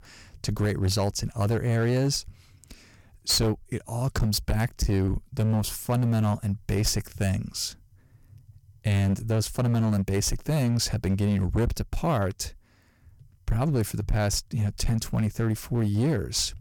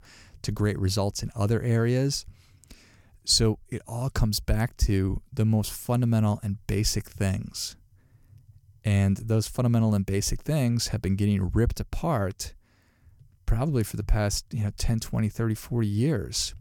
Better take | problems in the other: second | distortion; slight; 10% of the sound clipped

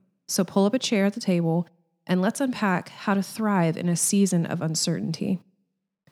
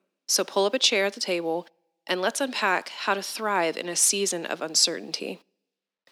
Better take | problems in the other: first | thin; very; fading below 300 Hz

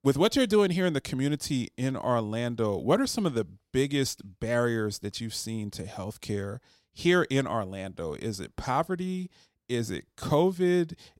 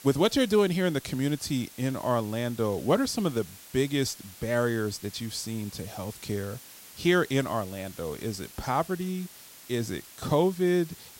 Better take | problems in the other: first | hiss; noticeable; throughout; 15 dB below the speech

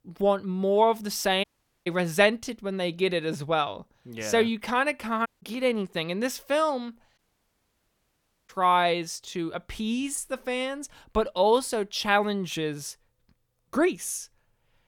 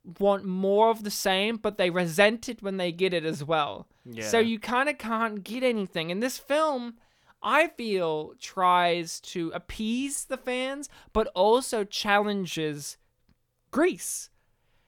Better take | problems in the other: second | audio cutting out; at 1.5 s, at 5.5 s and at 7 s for 1.5 s

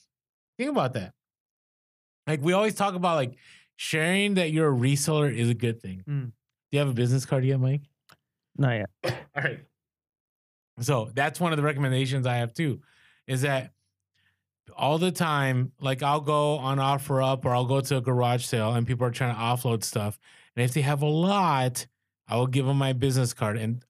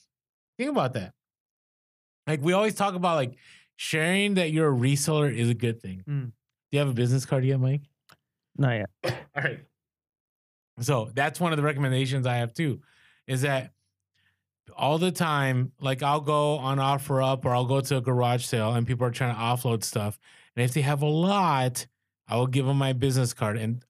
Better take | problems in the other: neither | none

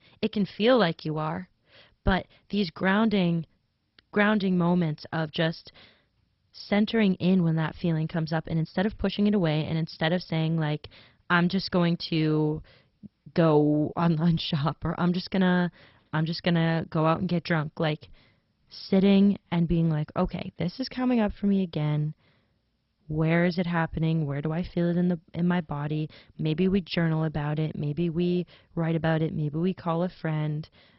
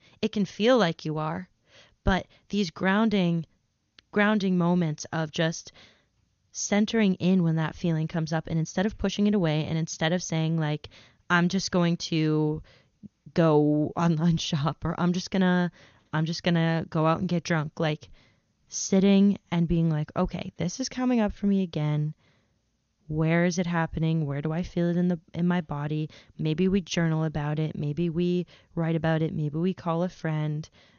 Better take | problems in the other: second | garbled, watery; badly; nothing above 5.5 kHz; slightly in the second

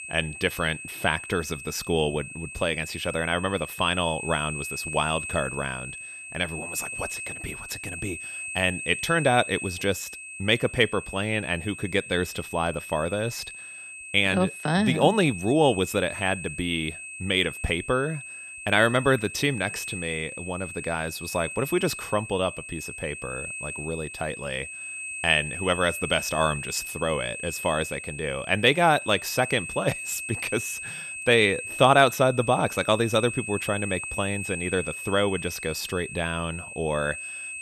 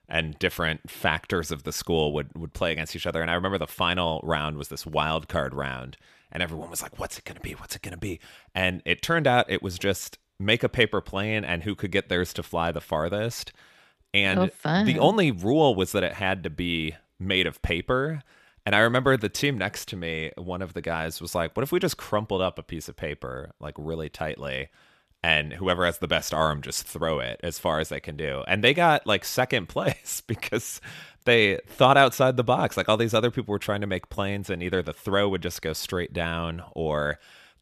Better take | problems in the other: second | high-pitched whine; loud; throughout; 2.5 kHz, 9 dB below the speech

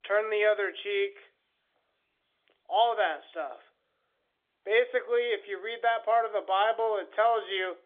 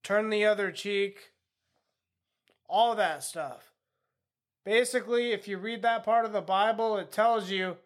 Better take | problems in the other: second | phone-call audio; nothing above 3.5 kHz

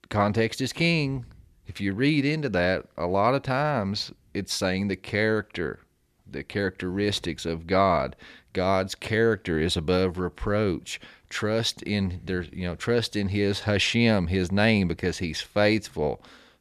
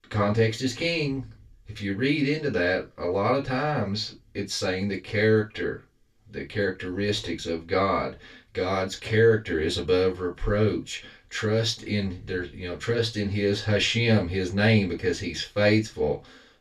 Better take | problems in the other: first | room echo; very slight; dies away in 0.2 s // off-mic speech; far

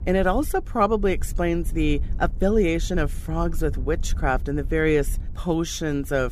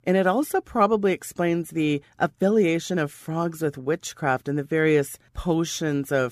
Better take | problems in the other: second | wind noise on the microphone; occasional gusts; 25 dB below the speech

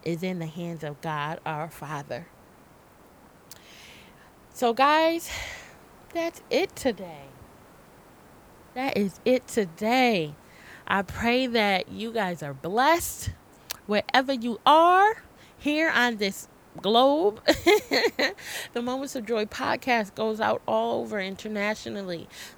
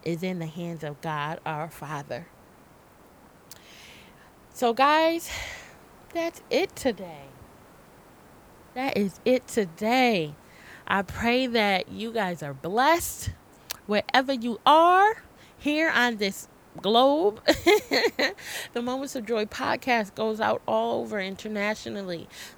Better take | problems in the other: neither | hiss; faint; throughout; 30 dB below the speech; the same in both

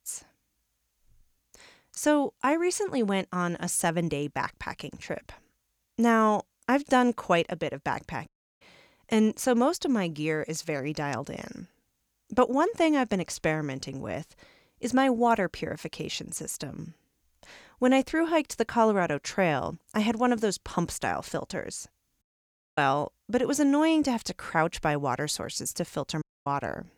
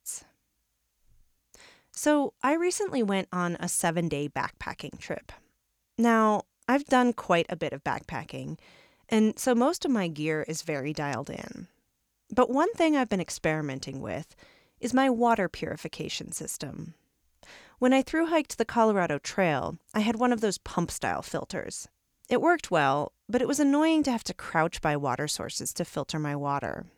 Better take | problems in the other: second | audio cutting out; at 8.5 s, at 22 s for 0.5 s and at 26 s

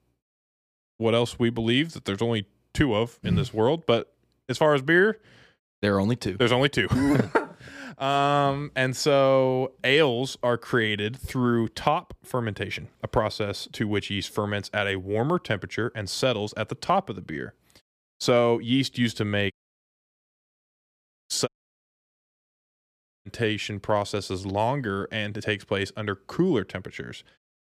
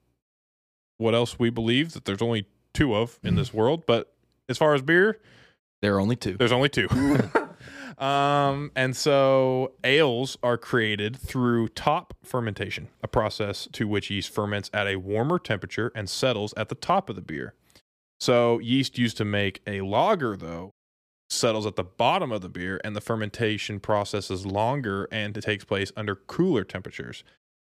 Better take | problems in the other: second | audio cutting out; at 20 s for 1 s and at 21 s for 2 s

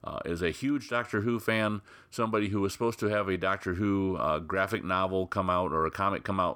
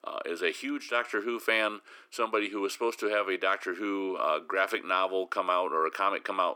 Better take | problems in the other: first | thin; somewhat; fading below 300 Hz

